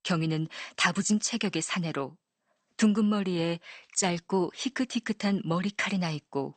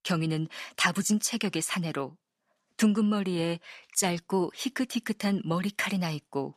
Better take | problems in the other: second | garbled, watery; slightly; nothing above 8.5 kHz

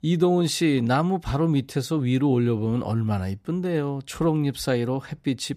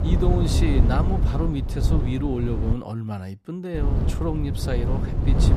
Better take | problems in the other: first | wind noise on the microphone; heavy; until 2.5 s and from 3.5 s on; 4 dB below the speech

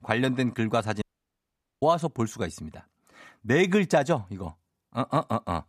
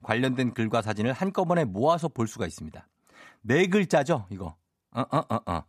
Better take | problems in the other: second | audio cutting out; at 1 s for 1 s

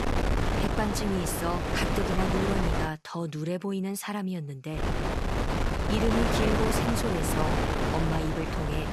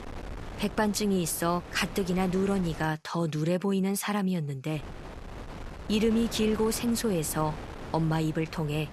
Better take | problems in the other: second | wind noise on the microphone; heavy; until 3 s and from 5 s on; 3 dB above the speech; occasional gusts in the second

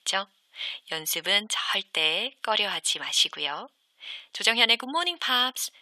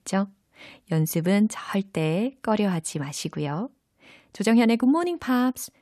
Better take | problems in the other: second | thin; very; fading below 800 Hz

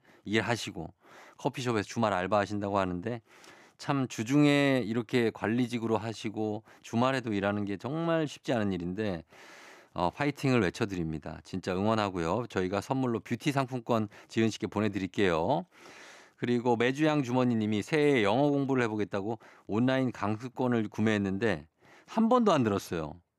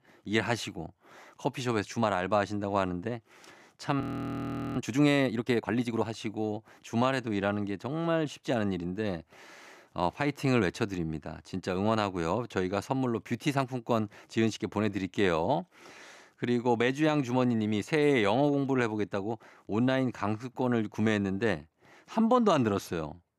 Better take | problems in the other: first | audio freezing; at 4 s for 1 s

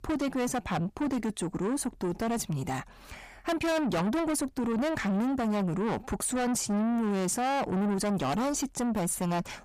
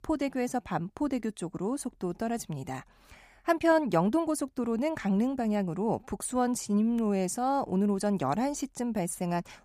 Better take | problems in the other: second | distortion; heavy; 6 dB below the speech

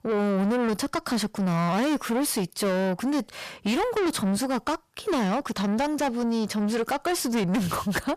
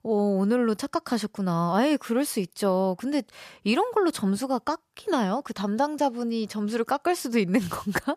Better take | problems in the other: second | distortion; heavy; 7 dB below the speech

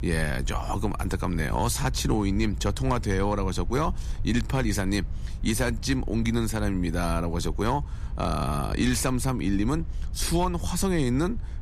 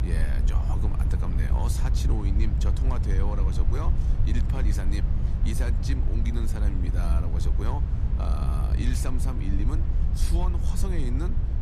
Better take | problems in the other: first | low rumble; loud; throughout; 3 dB below the speech; faint in the first

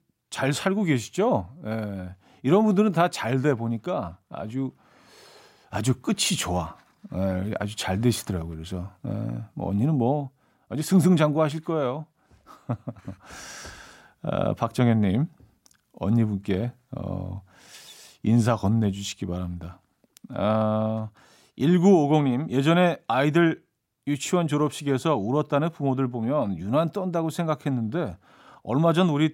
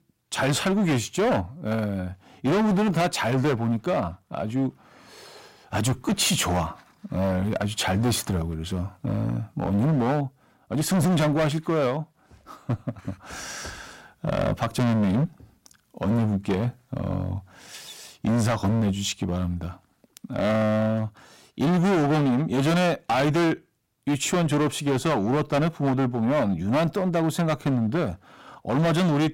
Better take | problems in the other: first | distortion; heavy; 16% of the sound clipped

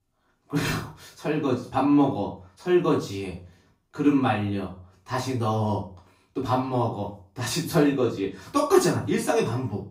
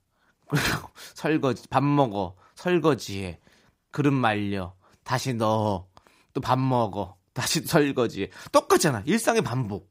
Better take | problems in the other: second | off-mic speech; far // room echo; slight; dies away in 0.3 s

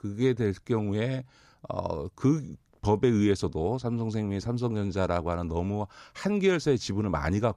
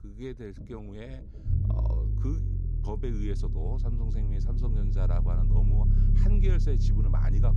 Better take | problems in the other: first | low rumble; loud; throughout; 1 dB below the speech

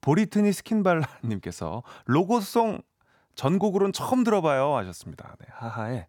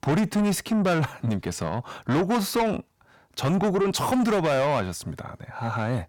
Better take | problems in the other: first | distortion; heavy; 7 dB below the speech

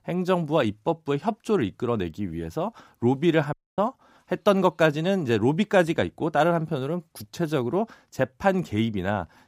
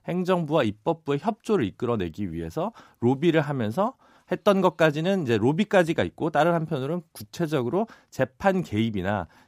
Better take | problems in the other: second | audio cutting out; at 3.5 s

